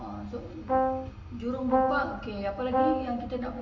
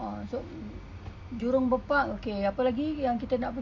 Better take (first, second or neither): second